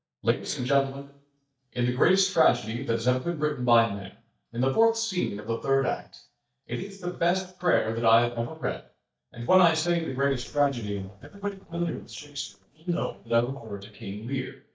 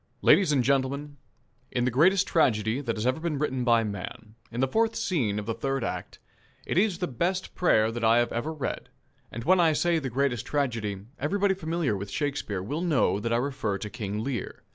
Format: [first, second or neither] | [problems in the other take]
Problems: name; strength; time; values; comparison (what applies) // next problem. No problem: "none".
second | noise reduction (neural mask model DeepFilterNet 3)